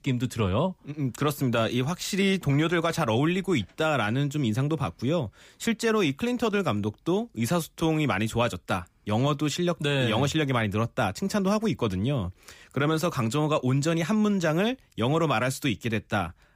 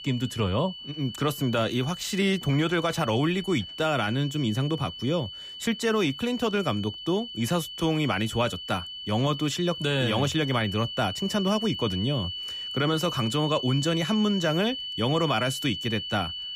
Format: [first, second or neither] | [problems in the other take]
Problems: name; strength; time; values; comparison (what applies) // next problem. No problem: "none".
first | high-pitched whine; loud; throughout; 3 kHz, 8 dB below the speech